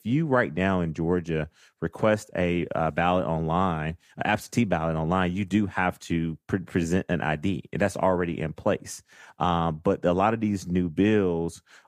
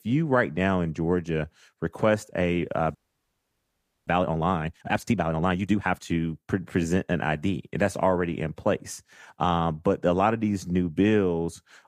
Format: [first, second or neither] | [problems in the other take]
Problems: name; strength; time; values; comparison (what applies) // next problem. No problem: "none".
first | audio freezing; at 3 s for 1 s